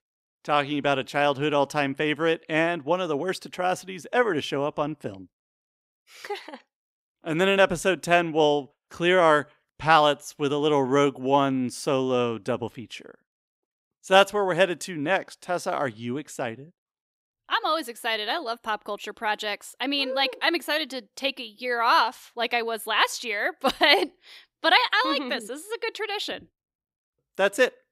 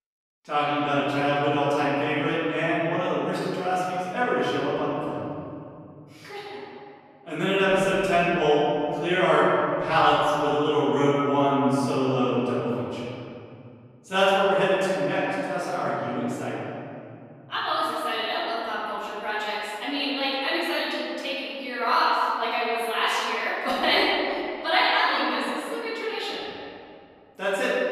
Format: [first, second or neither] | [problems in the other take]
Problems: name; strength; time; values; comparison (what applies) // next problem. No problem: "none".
first | off-mic speech; far // room echo; strong; dies away in 2.7 s